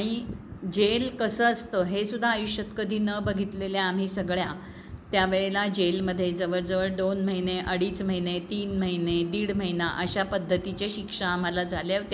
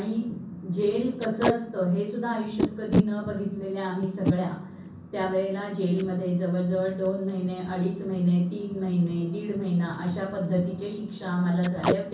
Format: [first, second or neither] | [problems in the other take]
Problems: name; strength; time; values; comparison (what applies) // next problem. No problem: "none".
first | background sound (Packing tape, duct tape); 7 dB below the speech // room echo; dies away in 0.6 s